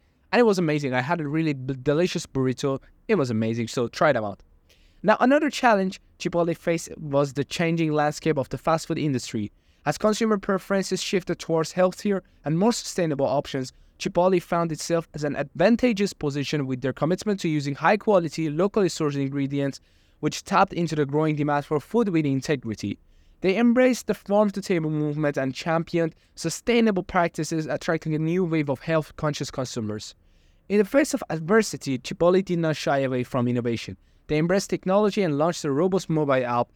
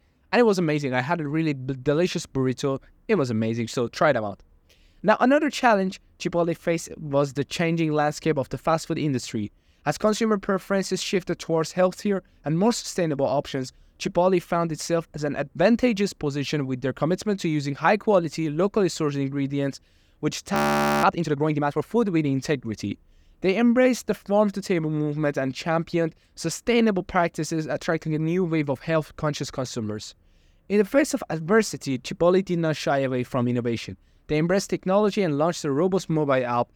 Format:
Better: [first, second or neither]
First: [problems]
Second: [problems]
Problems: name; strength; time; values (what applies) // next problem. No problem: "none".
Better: first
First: none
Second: audio freezing; at 21 s